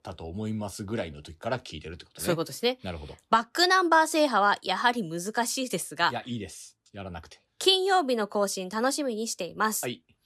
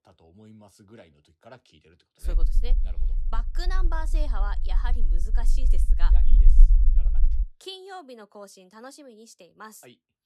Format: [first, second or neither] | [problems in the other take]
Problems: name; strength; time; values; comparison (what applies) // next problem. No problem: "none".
first | low rumble; noticeable; from 2.5 to 7.5 s; 10 dB below the speech